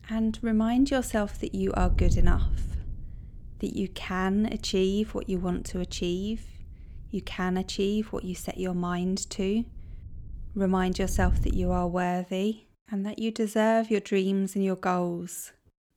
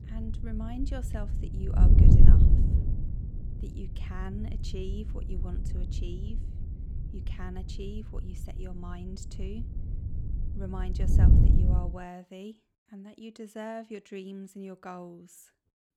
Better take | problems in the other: first | wind noise on the microphone; heavy; until 12 s; 3 dB above the speech; occasional gusts in the first

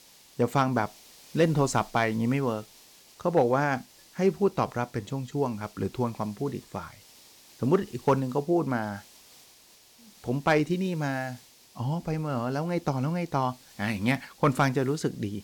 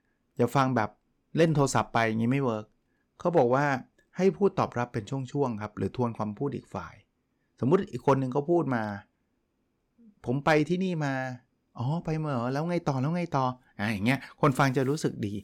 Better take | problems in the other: second | hiss; faint; throughout; 25 dB below the speech

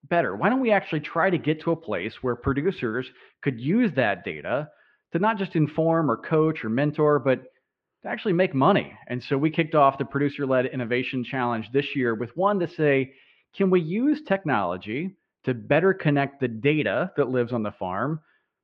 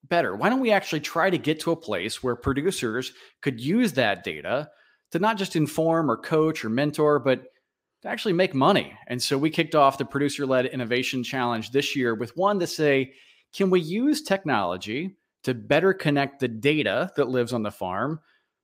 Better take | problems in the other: second | muffled; very; fading above 3 kHz

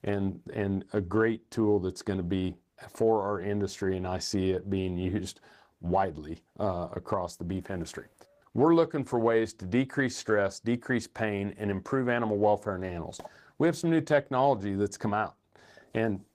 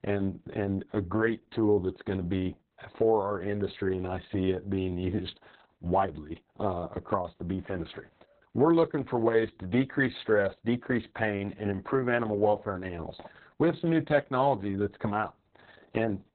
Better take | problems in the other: first | garbled, watery; badly; nothing above 4 kHz; slightly in the first

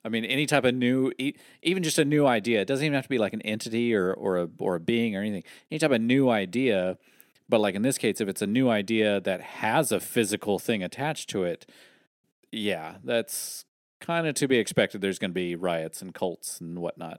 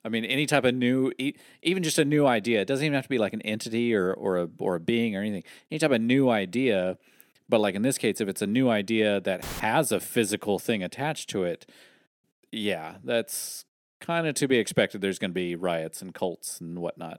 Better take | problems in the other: first | audio cutting out; filled with static; at 9.5 s

